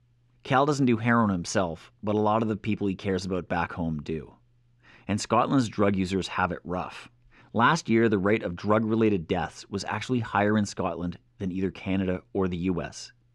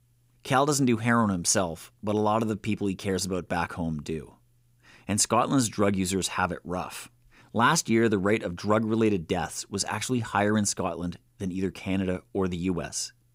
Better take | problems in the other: second | muffled; slightly; fading above 3.5 kHz

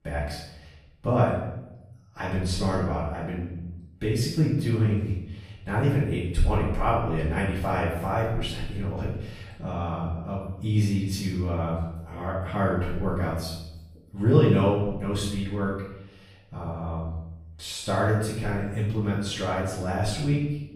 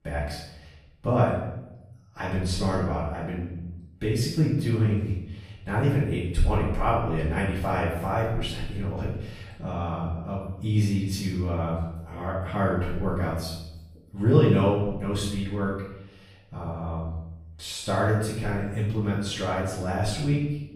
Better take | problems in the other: neither | off-mic speech; far; the same in both // room echo; noticeable; dies away in 0.8 s; the same in both

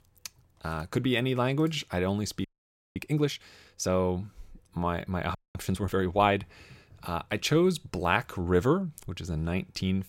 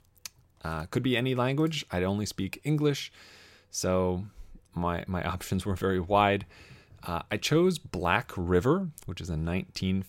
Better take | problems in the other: second | audio freezing; at 2.5 s for 0.5 s and at 5.5 s

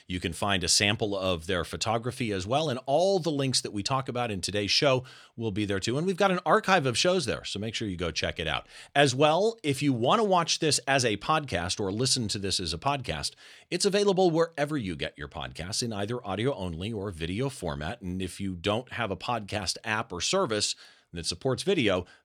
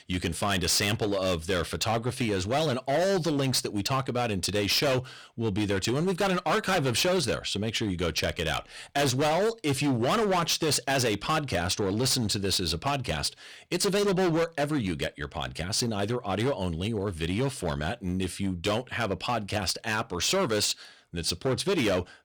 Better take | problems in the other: first | distortion; heavy; 15% of the sound clipped

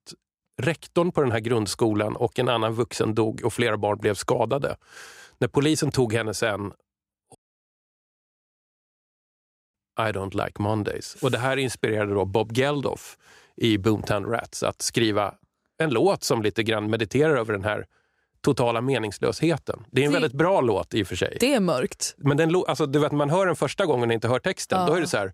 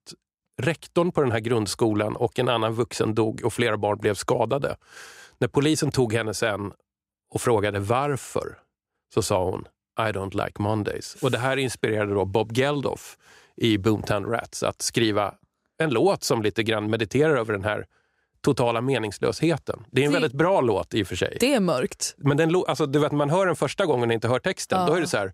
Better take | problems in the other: second | audio cutting out; at 7.5 s for 2.5 s

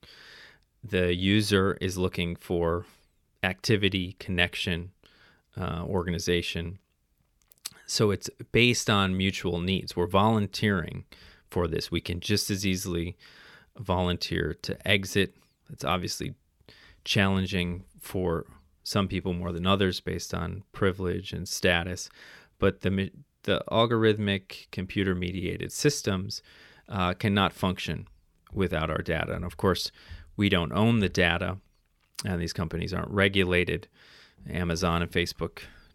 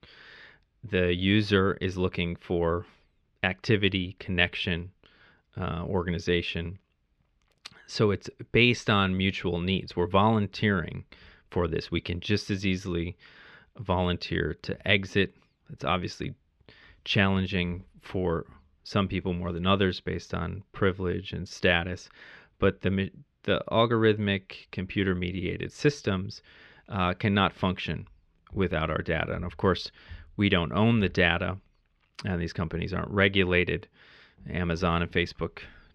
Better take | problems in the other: first | muffled; slightly; fading above 3 kHz

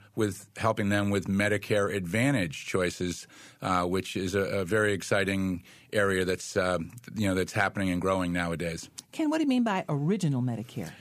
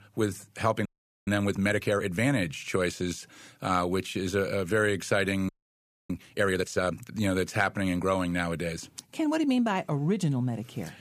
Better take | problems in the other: first | audio freezing; at 1 s and at 5.5 s for 0.5 s

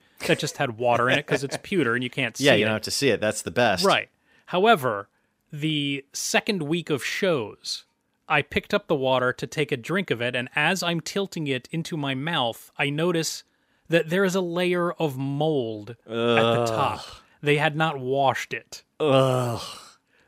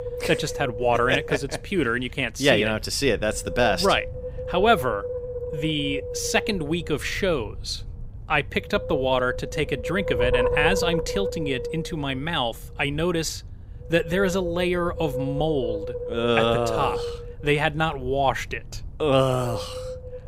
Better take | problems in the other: first | wind noise on the microphone; heavy; 7 dB below the speech

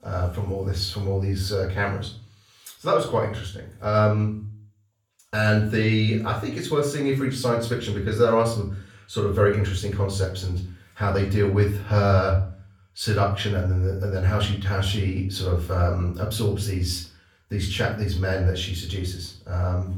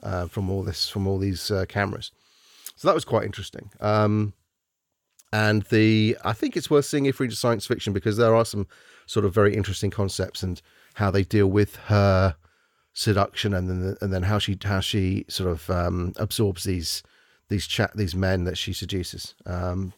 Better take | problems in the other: second | off-mic speech; far // room echo; slight; dies away in 0.4 s

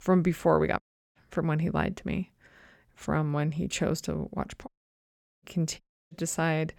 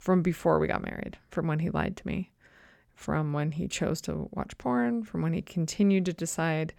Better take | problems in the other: second | audio cutting out; at 1 s, at 4.5 s for 0.5 s and at 6 s

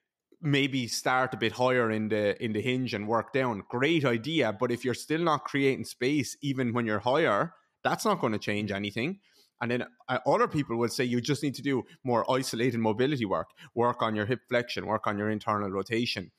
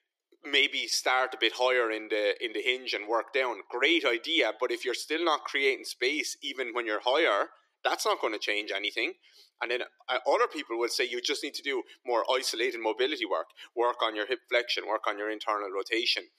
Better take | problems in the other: first | thin; very; fading below 350 Hz

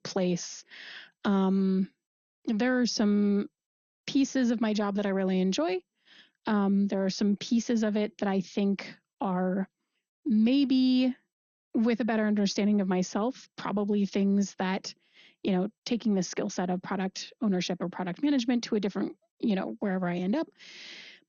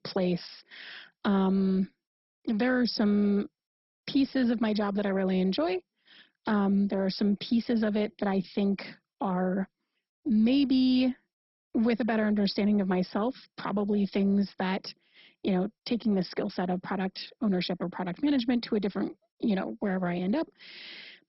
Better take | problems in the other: first | garbled, watery; badly; nothing above 5.5 kHz; slightly in the first

